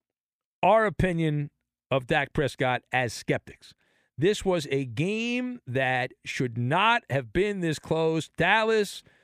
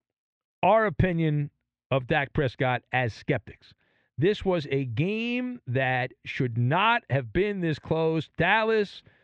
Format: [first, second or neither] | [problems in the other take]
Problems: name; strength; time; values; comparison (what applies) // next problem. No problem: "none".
first | muffled; slightly; fading above 4 kHz